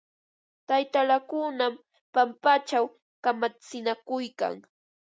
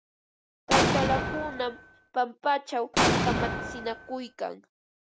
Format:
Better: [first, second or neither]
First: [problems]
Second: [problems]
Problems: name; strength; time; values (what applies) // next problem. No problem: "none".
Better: first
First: none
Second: background sound (Explosion); 5 dB above the speech